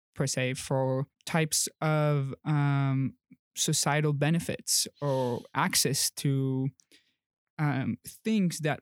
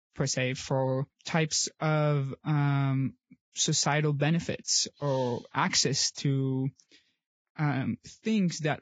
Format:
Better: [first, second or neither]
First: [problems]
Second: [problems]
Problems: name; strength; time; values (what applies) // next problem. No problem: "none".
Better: first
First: none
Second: garbled, watery; badly; nothing above 7.5 kHz